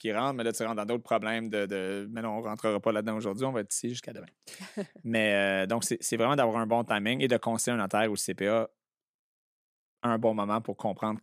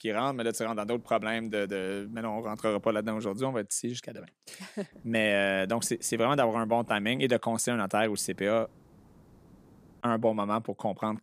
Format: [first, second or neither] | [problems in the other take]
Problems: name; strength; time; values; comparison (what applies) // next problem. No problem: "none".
first | hiss; faint; from 1 to 3.5 s, from 5 to 7 s and from 8 to 10 s; 30 dB below the speech